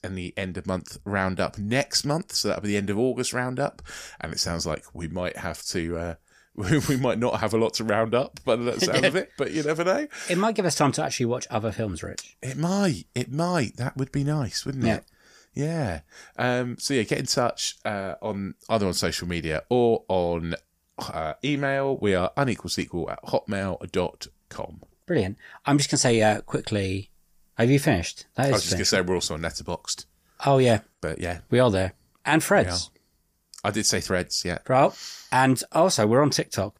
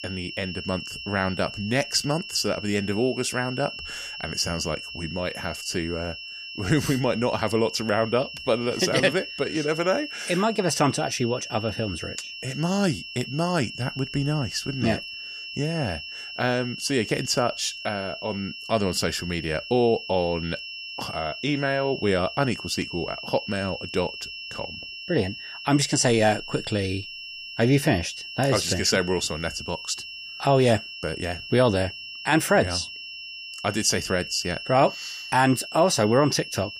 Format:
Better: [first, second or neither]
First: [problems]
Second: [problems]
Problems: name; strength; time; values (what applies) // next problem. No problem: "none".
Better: first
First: none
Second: high-pitched whine; loud; throughout; 3 kHz, 10 dB below the speech